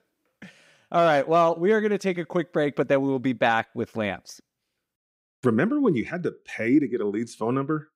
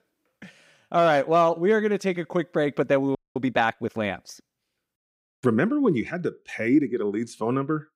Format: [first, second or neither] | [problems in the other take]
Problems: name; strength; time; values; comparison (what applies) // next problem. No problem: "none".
first | audio freezing; at 3 s